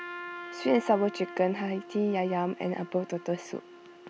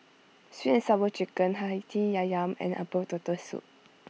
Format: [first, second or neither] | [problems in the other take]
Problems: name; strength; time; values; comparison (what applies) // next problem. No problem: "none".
second | background sound (Trumpet); 14 dB below the speech